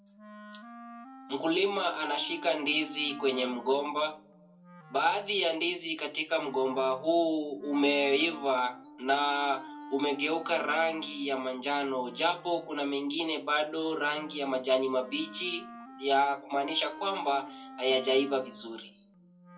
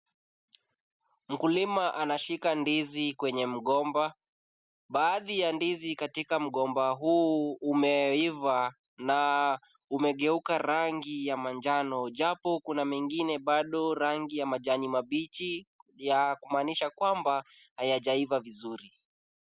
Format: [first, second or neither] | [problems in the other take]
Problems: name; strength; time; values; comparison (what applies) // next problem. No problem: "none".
second | background sound (Wind instrument, woodwind instrument); 18 dB below the speech // room echo; dies away in 0.2 s